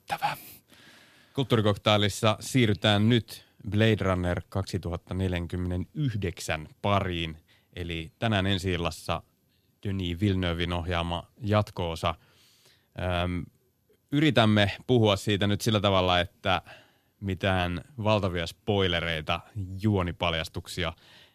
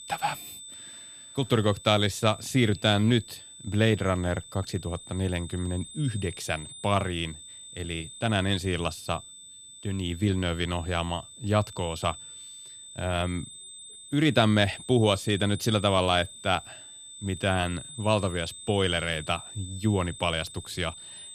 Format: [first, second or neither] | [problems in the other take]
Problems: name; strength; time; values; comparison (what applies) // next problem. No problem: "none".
first | high-pitched whine; noticeable; throughout; 8 kHz, 15 dB below the speech